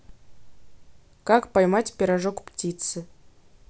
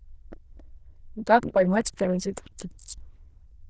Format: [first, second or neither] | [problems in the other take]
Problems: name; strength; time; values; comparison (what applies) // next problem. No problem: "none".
first | noise reduction (neural diffusion model UNIVERSE++)